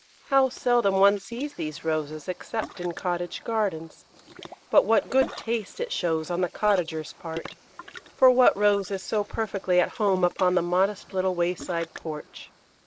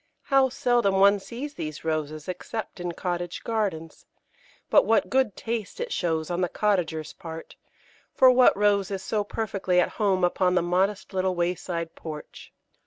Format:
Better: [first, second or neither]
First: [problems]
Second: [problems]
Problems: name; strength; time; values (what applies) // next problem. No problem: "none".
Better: second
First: noise reduction (neural mask model Resemble Enhance denoiser)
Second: none